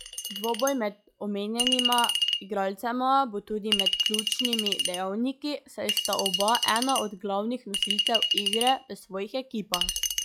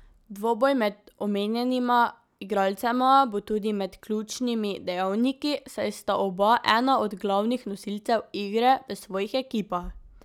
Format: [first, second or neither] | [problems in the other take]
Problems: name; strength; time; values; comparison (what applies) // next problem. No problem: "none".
second | noise reduction (classical method log-MMSE)